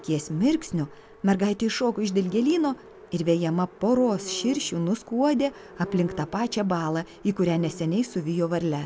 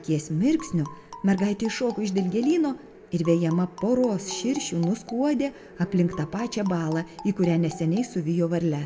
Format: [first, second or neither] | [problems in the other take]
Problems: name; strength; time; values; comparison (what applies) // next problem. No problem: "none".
first | background sound (Marimba, xylophone); 20 dB below the speech // room echo; dies away in 0.8 s